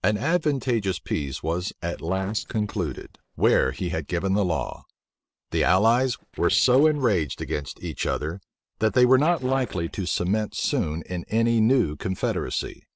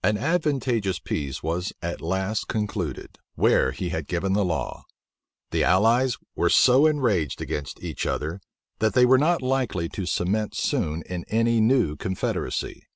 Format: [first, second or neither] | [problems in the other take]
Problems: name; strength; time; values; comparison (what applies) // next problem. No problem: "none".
second | noise reduction (neural separator model SepFormer DNS4)